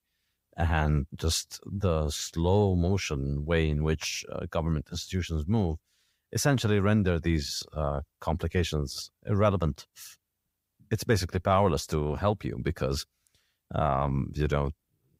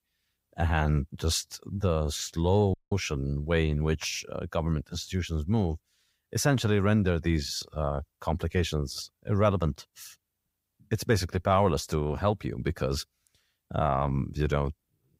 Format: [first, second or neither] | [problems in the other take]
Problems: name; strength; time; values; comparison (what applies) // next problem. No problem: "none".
first | audio cutting out; at 2.5 s